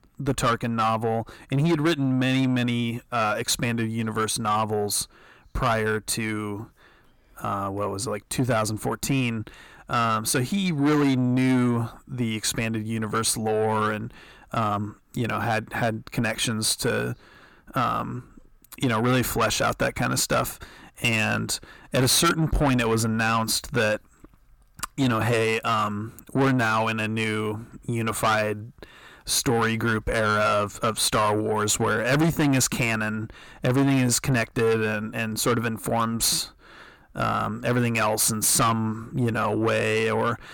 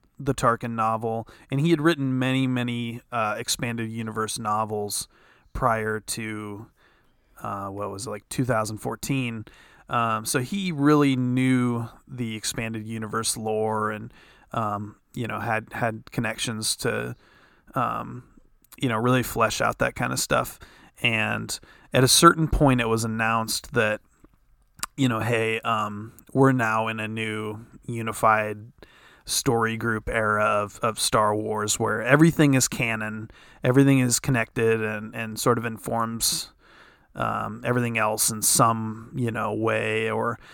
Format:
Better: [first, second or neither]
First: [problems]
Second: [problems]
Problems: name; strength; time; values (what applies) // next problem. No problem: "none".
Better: second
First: distortion; heavy; 7 dB below the speech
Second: none